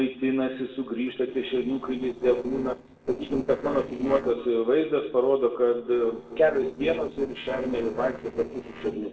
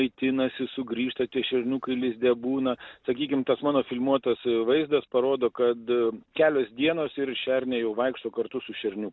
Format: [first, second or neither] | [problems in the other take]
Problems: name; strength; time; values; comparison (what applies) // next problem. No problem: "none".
second | noise reduction (neural separator model SepFormer DNS4)